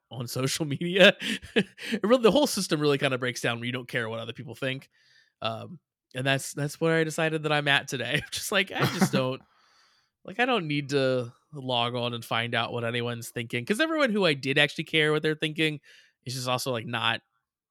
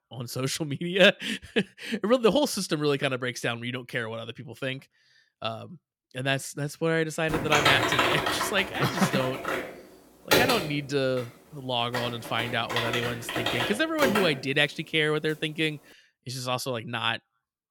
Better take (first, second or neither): first